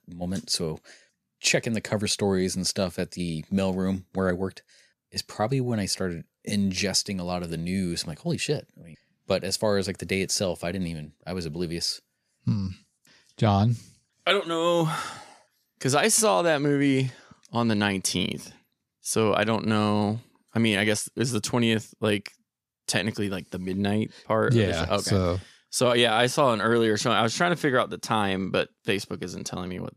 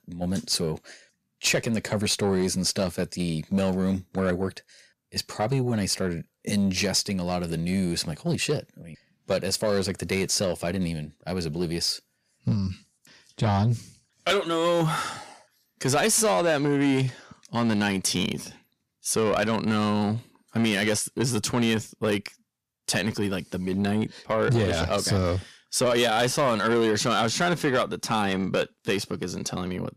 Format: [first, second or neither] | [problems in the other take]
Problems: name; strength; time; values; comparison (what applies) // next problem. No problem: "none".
first | distortion; slight; 10 dB below the speech